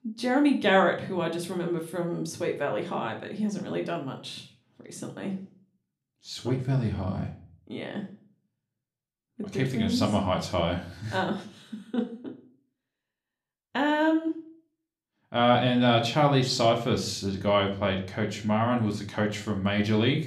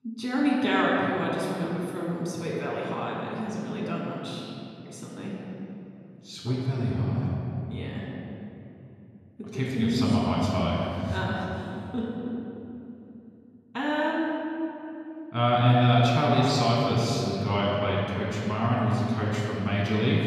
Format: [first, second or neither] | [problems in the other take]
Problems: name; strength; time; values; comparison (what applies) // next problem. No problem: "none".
first | room echo; strong; dies away in 2.9 s; slight in the first // off-mic speech; far; somewhat distant in the first